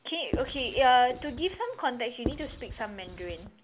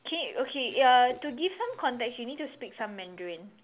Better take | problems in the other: second | background sound (Writing); 10 dB below the speech

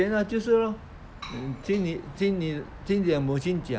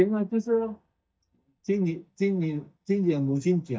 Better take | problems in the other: first | noise reduction (neural mask model DeepFilterNet 3)

